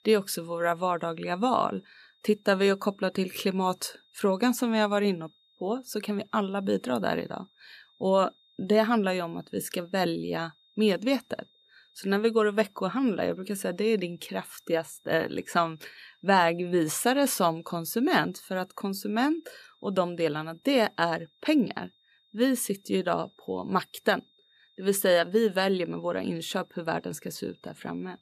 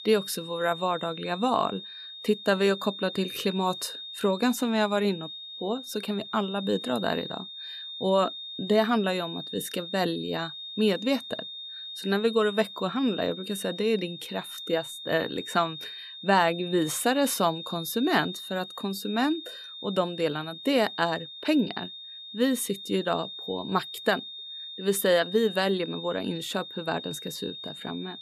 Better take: first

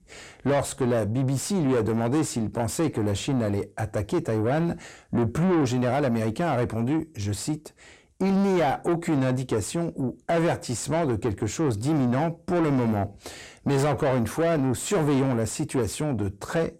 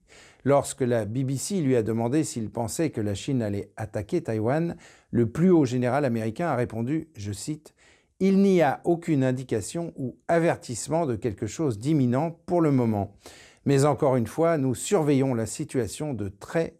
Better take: second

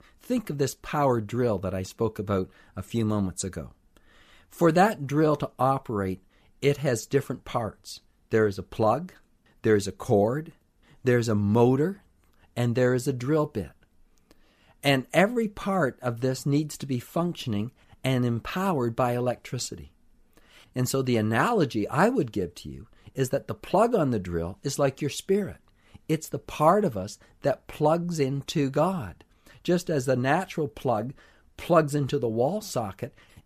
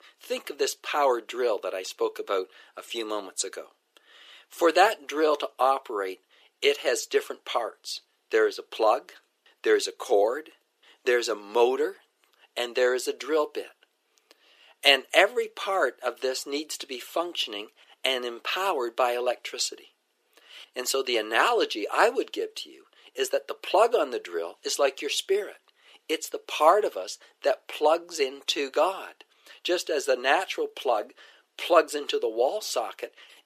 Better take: first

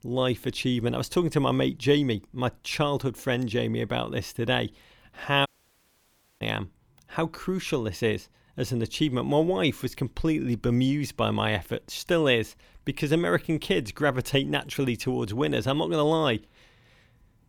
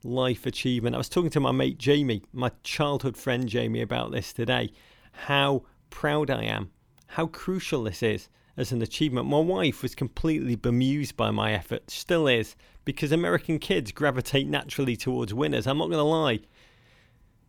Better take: second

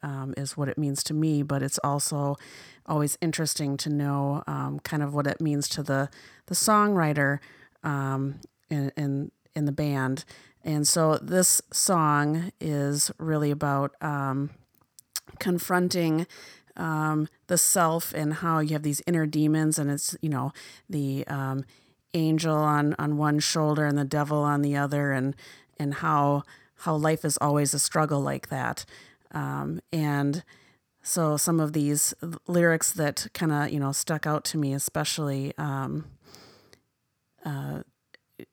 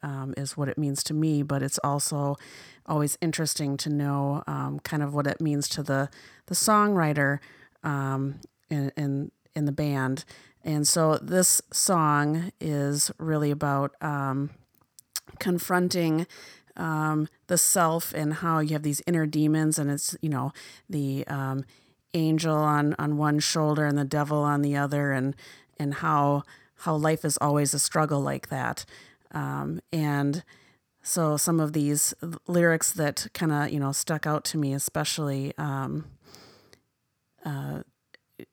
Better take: neither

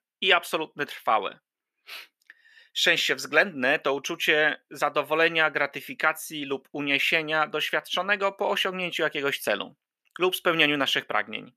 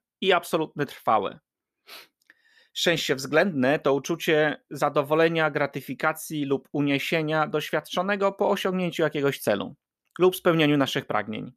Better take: second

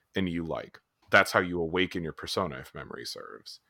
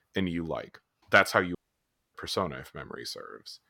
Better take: first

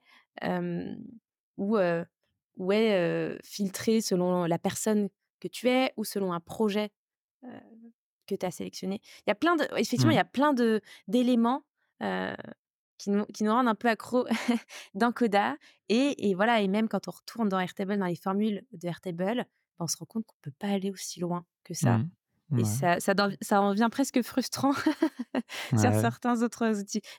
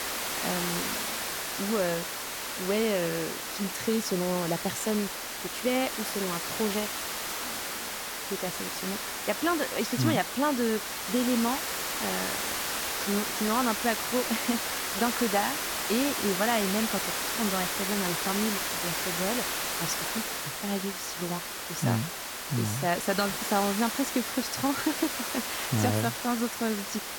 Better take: first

